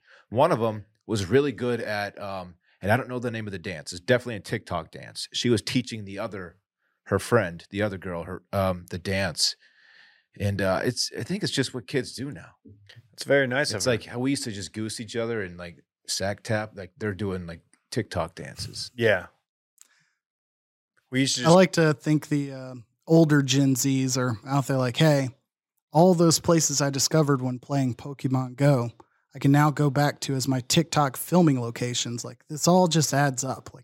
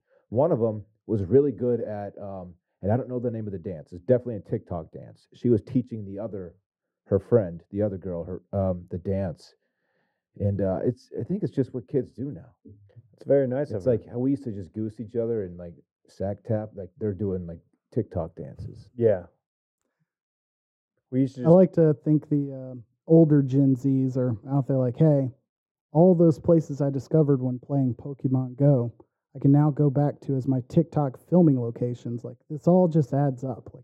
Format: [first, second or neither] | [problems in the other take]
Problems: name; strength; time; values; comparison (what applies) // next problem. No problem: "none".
first | muffled; very; fading above 1 kHz